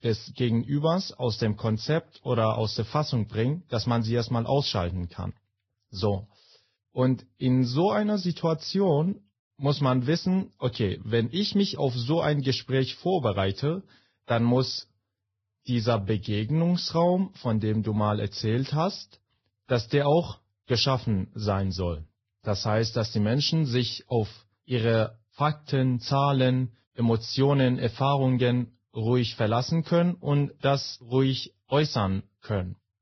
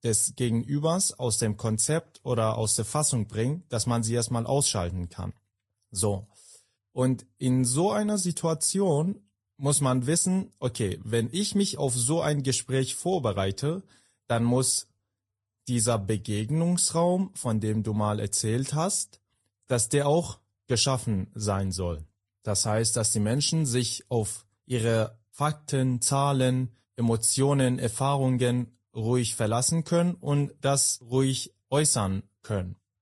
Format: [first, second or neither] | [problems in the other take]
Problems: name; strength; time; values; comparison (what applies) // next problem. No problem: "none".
second | garbled, watery; badly; nothing above 5.5 kHz; slightly in the second